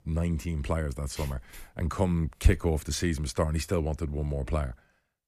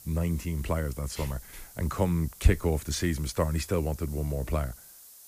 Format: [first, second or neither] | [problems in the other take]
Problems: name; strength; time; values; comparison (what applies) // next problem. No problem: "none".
first | hiss; noticeable; throughout; 20 dB below the speech